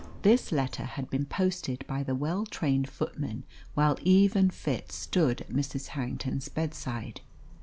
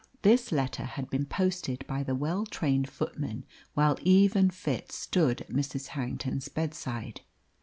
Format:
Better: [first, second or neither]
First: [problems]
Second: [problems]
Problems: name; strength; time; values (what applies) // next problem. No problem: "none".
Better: second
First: background sound (Sliding door); 16 dB below the speech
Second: none